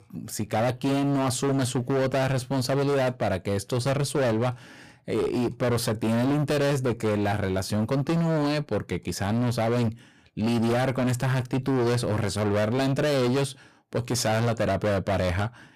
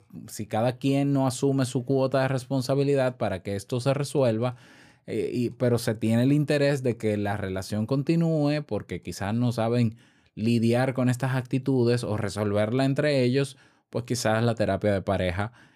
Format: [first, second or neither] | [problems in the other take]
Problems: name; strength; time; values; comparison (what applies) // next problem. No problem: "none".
second | distortion; heavy; 29% of the sound clipped